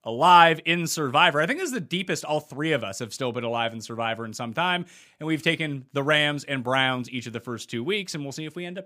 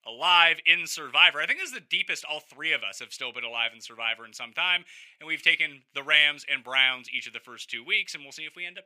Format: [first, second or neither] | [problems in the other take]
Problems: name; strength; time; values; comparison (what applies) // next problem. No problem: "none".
first | thin; somewhat; fading below 1 kHz